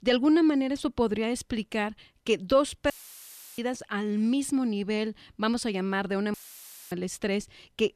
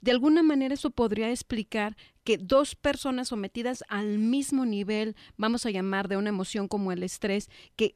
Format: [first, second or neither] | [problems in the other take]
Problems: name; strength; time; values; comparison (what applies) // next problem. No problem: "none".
second | audio cutting out; filled with static; at 3 s for 0.5 s and at 6.5 s for 0.5 s